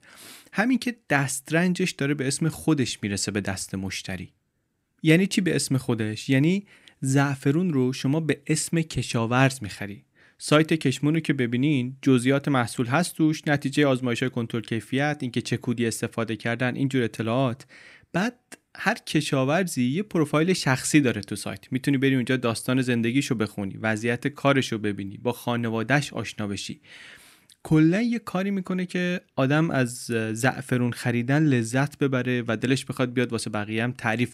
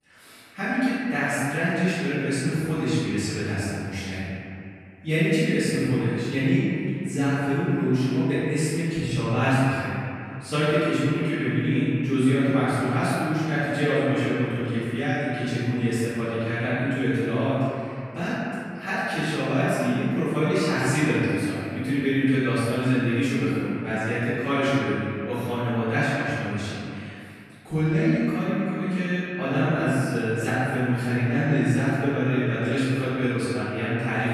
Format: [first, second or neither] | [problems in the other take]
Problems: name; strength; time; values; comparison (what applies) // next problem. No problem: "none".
first | off-mic speech; far // room echo; strong; dies away in 2.7 s